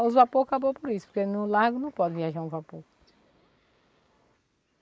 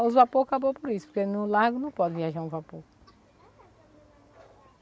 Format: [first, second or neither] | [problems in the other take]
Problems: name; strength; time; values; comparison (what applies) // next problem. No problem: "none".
second | noise reduction (neural mask model Resemble Enhance denoiser)